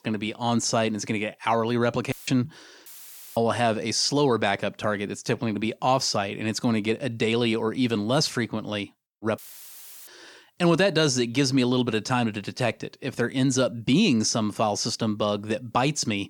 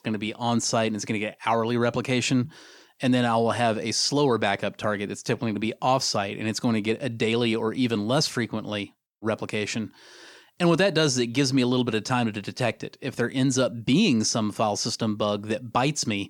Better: second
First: audio cutting out; filled with static; at 2 s, at 3 s for 0.5 s and at 9.5 s for 0.5 s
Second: none

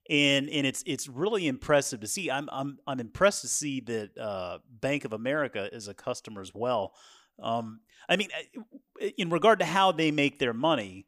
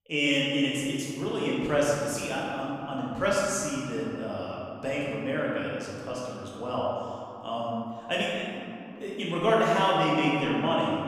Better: first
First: none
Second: room echo; strong; dies away in 2.6 s // off-mic speech; far

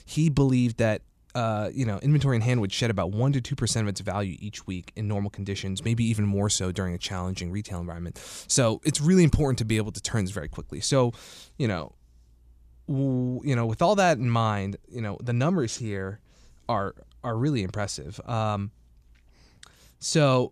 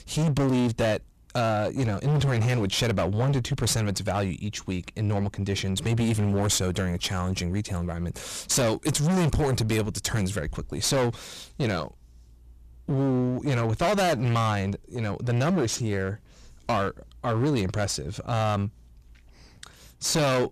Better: first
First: none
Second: distortion; heavy; 20% of the sound clipped

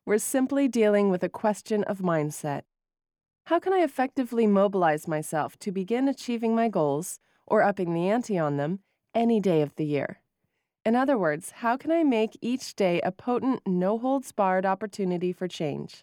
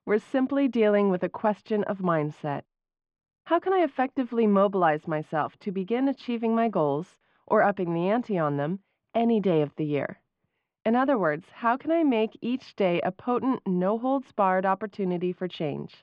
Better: first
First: none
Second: muffled; very; fading above 3.5 kHz

